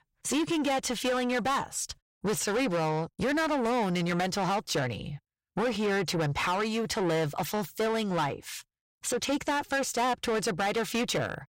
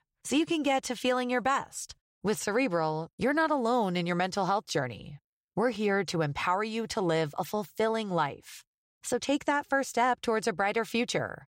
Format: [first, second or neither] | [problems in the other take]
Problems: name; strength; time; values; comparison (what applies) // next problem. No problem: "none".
second | distortion; heavy; 8 dB below the speech